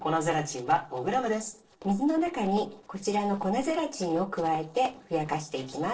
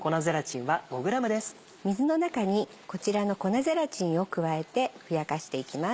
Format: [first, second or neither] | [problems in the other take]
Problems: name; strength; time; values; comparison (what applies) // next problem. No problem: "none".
second | noise reduction (neural separator model SepFormer DNS4)